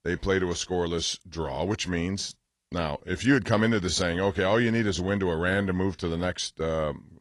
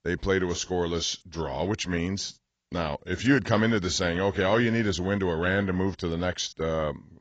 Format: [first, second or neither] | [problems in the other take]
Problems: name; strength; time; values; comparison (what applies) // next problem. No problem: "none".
first | garbled, watery; badly; slightly in the first